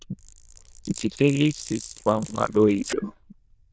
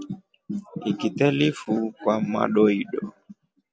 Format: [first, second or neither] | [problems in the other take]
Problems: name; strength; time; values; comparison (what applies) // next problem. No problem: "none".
second | noise reduction (neural diffusion model UNIVERSE++)